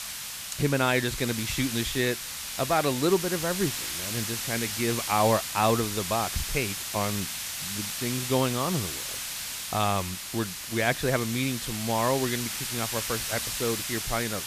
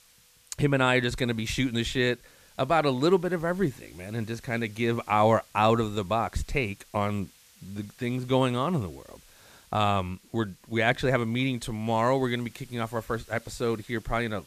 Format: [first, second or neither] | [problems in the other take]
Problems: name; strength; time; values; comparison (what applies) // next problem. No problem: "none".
second | hiss; loud; throughout; 3 dB below the speech; faint in the second